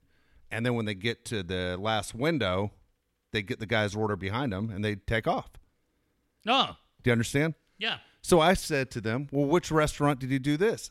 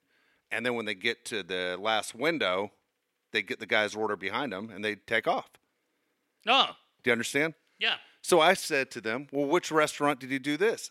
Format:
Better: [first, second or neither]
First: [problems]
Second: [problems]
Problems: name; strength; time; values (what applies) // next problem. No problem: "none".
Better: first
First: none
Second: thin; somewhat; fading below 300 Hz